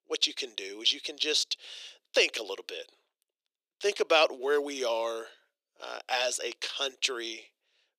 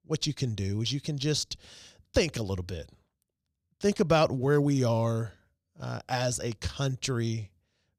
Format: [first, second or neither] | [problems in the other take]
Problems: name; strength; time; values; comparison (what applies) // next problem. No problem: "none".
second | thin; very; fading below 350 Hz